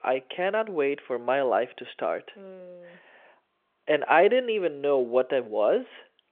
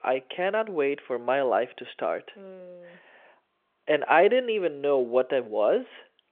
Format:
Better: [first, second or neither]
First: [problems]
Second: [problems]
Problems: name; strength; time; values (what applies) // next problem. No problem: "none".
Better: neither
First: phone-call audio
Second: phone-call audio